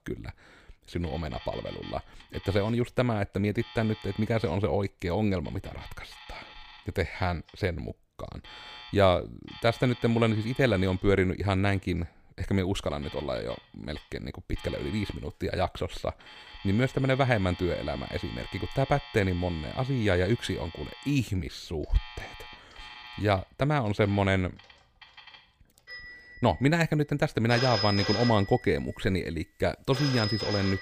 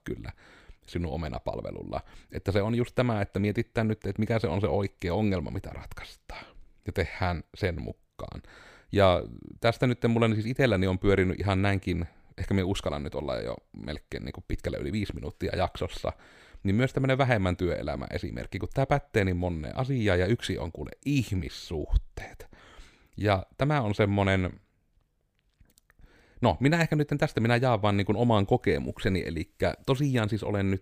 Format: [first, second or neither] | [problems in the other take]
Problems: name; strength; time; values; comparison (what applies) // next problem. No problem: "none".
second | alarms or sirens; noticeable; throughout; 10 dB below the speech